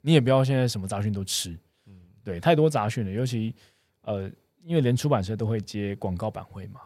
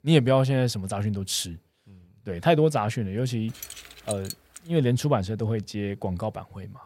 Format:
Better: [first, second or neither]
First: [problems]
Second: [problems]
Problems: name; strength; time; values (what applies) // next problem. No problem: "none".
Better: first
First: none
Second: jangling keys; faint; from 3.5 to 4.5 s; peak 10 dB below the speech